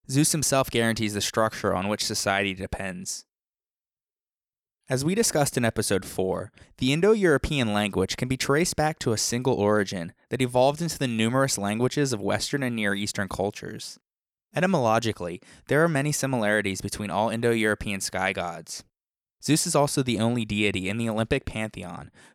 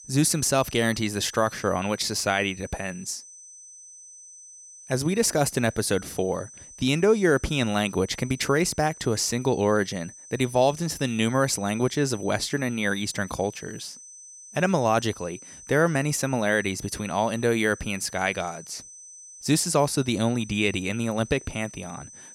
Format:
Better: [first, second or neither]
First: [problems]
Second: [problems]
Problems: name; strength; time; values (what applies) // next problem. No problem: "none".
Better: first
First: none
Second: high-pitched whine; noticeable; throughout; 6 kHz, 20 dB below the speech